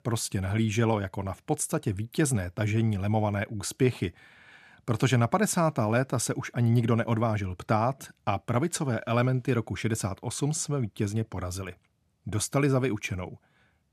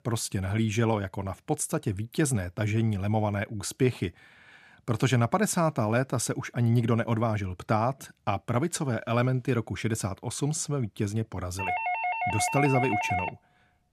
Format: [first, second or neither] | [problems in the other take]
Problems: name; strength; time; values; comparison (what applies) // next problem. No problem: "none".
first | doorbell; loud; from 12 to 13 s; peak level with the speech